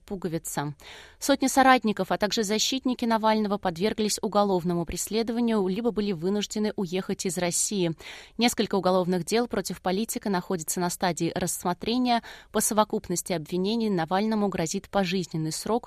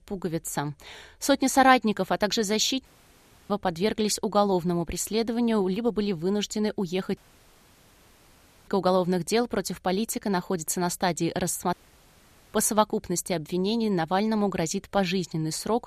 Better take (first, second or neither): first